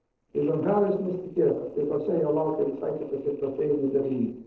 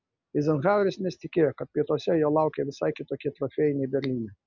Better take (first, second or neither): second